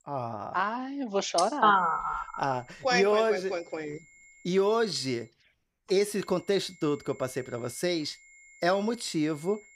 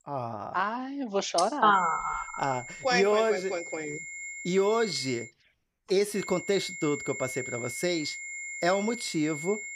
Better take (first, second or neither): first